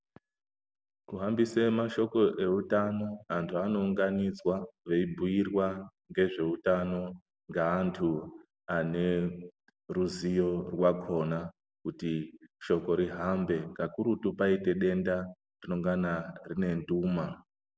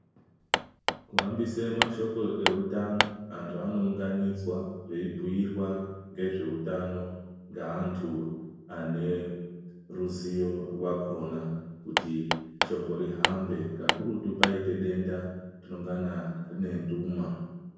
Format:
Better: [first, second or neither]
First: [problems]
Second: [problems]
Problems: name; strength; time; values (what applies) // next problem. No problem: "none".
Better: first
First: none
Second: background sound (Hammer); 1 dB above the speech // room echo; dies away in 1 s